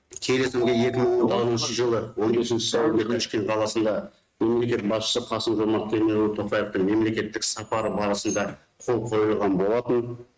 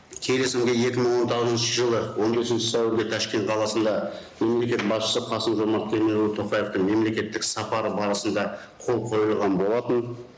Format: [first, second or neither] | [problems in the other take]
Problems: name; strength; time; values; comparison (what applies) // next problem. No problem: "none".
second | noise reduction (neural mask model RNNoise)